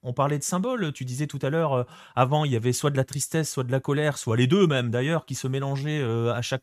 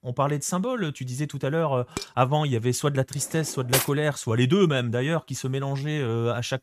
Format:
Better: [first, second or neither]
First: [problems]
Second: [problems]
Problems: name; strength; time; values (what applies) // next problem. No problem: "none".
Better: first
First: none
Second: clattering dishes; faint; at 2 s; peak 10 dB below the speech // clattering dishes; loud; at 3.5 s; peak 1 dB above the speech